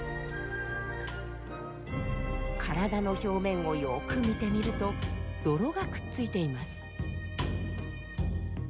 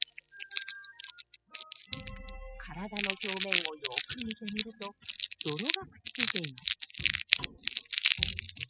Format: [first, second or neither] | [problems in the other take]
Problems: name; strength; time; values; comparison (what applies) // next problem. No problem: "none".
first | noise reduction (classical method spectral subtraction)